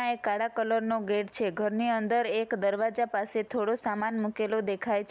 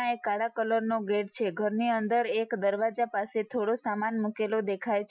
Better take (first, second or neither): first